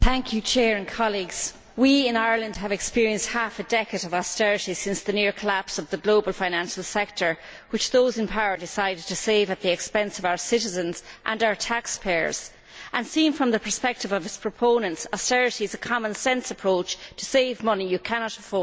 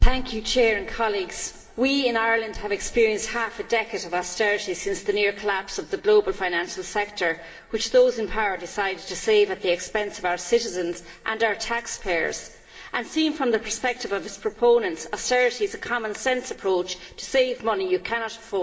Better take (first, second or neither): first